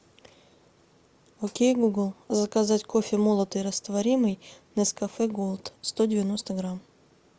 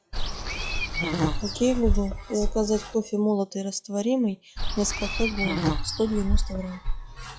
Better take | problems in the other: first | noise reduction (classical method log-MMSE)

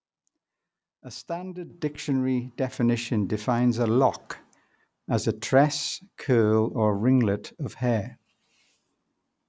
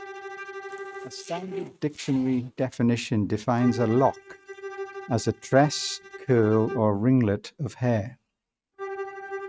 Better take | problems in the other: first | noise reduction (neural mask model RNNoise)

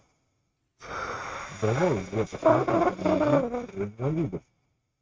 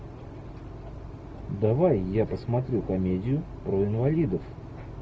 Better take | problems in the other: second | noise reduction (neural mask model RNNoise)

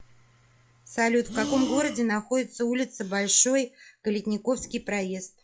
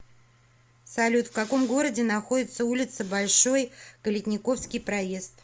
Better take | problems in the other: second | noise reduction (classical method log-MMSE)

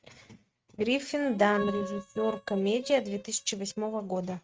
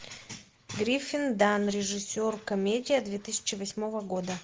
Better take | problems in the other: second | noise reduction (neural mask model RNNoise)

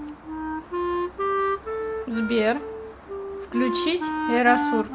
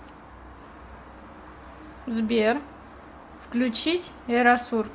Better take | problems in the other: second | background sound (Wind instrument, woodwind instrument); 1 dB below the speech

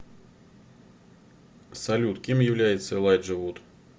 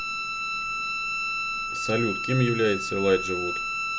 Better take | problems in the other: first | background sound (Bowed string instrument); 2 dB below the speech

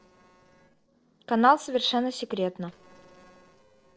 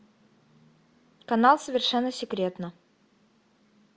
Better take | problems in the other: second | noise reduction (neural separator model SepFormer DNS4)

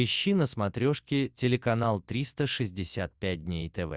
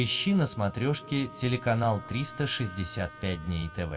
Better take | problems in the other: first | background sound (Wind instrument, woodwind instrument); 17 dB below the speech // room echo; dies away in 1.8 s

